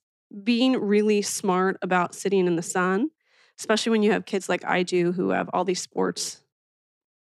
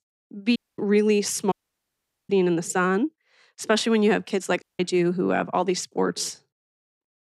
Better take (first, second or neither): first